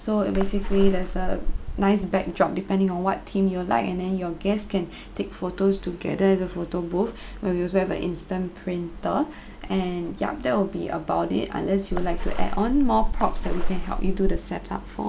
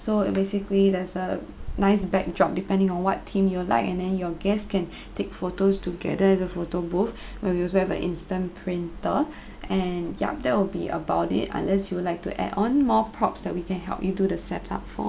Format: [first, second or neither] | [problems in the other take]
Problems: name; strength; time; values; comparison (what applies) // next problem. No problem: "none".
second | background sound (Water / Splash, splatter); 3 dB above the speech